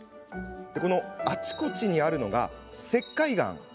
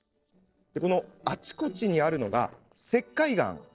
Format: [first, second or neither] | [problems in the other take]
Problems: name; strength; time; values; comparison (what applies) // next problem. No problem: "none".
first | noise reduction (neural separator model SepFormer DNS4)